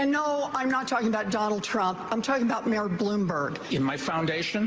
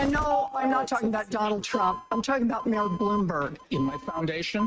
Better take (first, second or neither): first